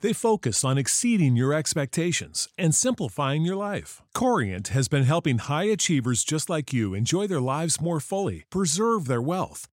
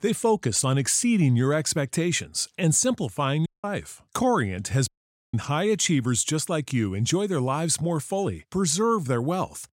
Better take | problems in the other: first | audio cutting out; at 3.5 s and at 5 s

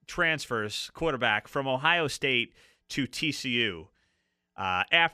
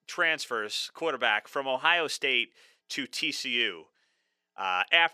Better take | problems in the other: first | thin; somewhat; fading below 400 Hz

